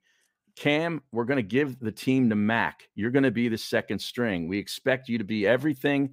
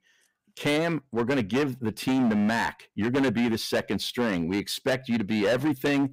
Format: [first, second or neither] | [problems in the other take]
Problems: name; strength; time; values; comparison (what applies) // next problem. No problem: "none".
first | distortion; heavy; 14% of the sound clipped